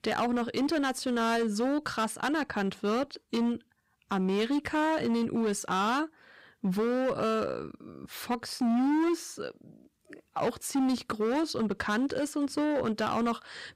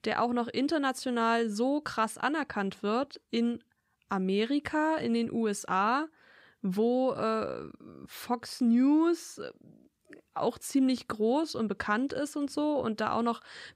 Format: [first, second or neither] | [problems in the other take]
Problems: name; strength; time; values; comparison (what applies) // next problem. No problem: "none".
second | distortion; slight; 15% of the sound clipped